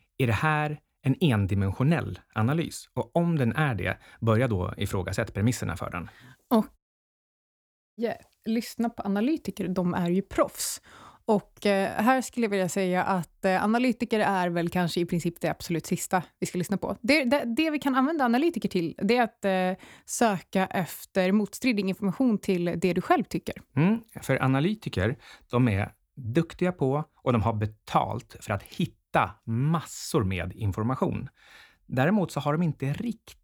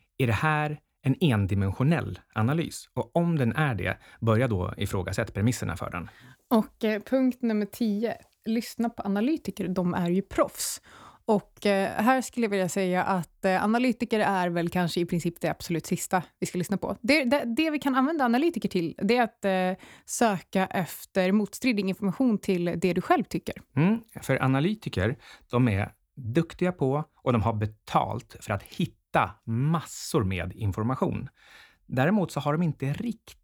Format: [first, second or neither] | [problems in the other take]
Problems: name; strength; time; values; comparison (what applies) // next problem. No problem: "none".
second | audio cutting out; at 7 s for 1 s